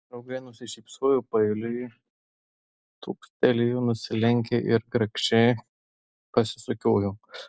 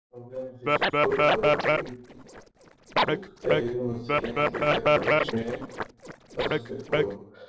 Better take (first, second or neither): first